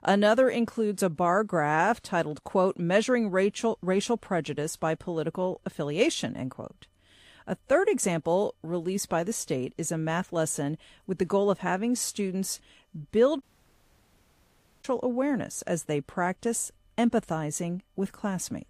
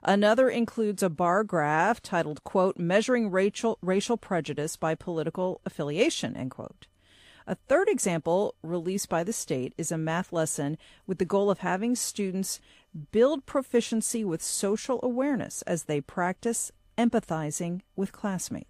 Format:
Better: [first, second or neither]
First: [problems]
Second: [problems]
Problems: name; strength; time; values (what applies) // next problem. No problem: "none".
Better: second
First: audio cutting out; at 13 s for 1.5 s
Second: none